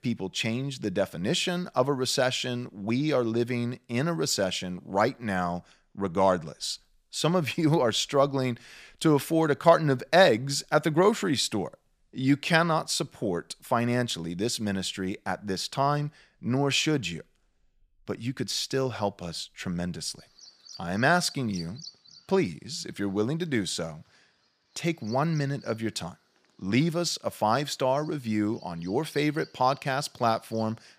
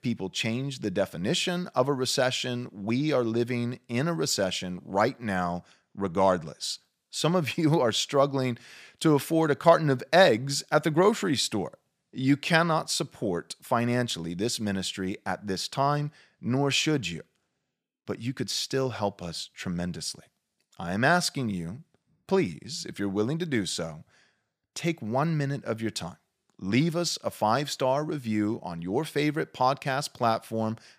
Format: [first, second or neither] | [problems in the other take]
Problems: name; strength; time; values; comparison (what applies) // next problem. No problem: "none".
second | animal sounds; faint; throughout; 20 dB below the speech